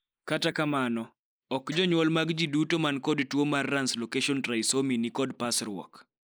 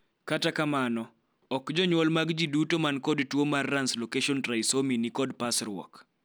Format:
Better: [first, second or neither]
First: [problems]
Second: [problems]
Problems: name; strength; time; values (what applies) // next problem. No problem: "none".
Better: second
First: noise reduction (neural mask model Resemble Enhance denoiser)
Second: none